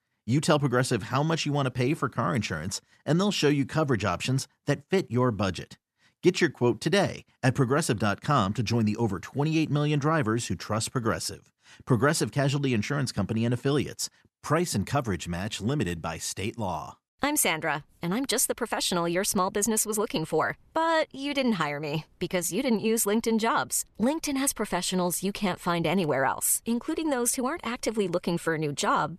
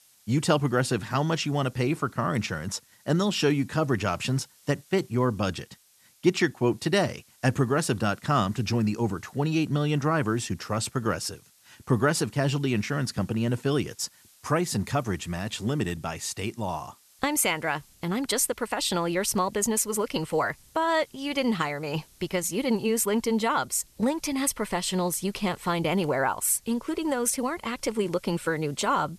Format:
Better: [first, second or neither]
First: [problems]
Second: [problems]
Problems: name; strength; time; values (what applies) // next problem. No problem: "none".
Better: first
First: none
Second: hiss; faint; throughout; 30 dB below the speech